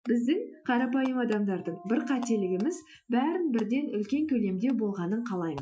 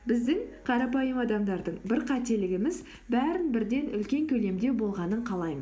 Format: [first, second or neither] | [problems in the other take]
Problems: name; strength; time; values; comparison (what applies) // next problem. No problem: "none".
second | noise reduction (classical method Wiener filter)